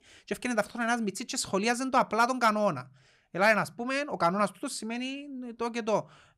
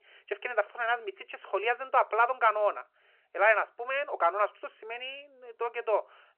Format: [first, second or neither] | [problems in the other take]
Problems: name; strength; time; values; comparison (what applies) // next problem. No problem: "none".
first | phone-call audio